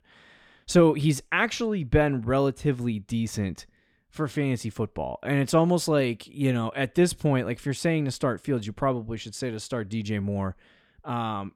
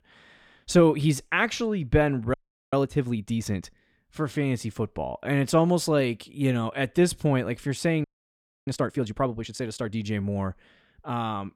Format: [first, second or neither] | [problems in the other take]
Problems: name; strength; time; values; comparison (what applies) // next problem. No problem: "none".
first | audio freezing; at 2.5 s and at 8 s for 0.5 s